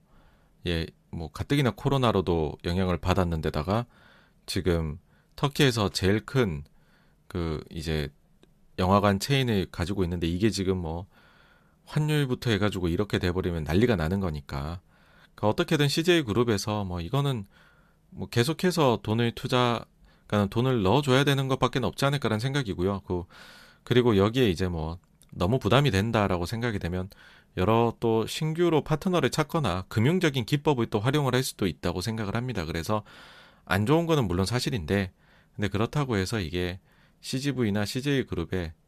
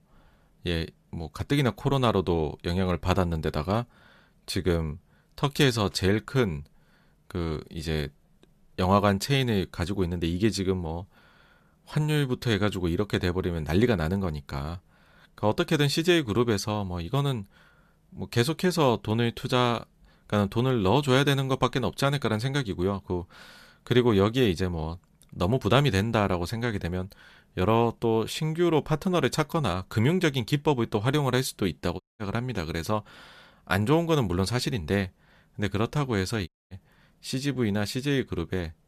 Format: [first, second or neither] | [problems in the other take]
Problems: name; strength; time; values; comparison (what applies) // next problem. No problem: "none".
first | audio cutting out; at 32 s and at 36 s